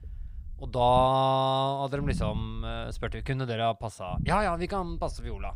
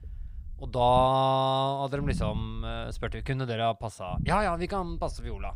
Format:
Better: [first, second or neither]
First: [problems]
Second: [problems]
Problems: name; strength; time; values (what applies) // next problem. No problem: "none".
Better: neither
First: low rumble; faint; until 1 s, from 2 to 3.5 s and from 4 s on; 20 dB below the speech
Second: low rumble; faint; until 1 s, from 2 to 3.5 s and from 4 s on; 20 dB below the speech